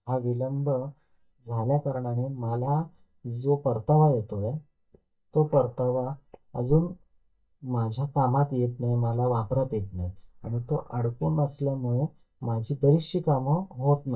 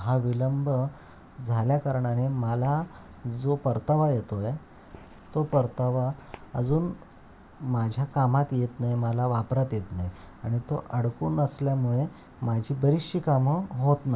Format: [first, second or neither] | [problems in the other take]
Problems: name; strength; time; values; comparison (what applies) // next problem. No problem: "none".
second | noise reduction (neural mask model DeepFilterNet 3)